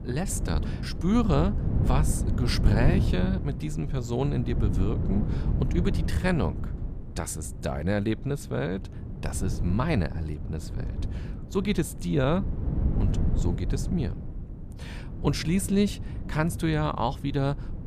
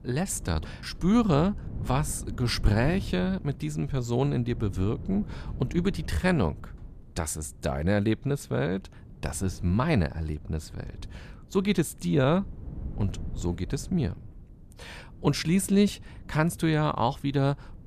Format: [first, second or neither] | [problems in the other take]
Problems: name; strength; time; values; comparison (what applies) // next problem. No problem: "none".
second | wind noise on the microphone; heavy; 10 dB below the speech; occasional gusts in the second